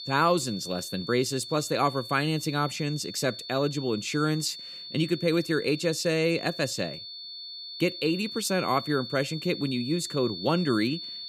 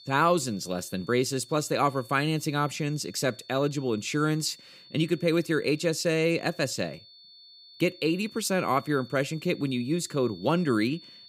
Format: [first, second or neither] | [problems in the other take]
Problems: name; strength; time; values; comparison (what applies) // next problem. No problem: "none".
second | high-pitched whine; loud; throughout; 4.5 kHz, 10 dB below the speech; faint in the second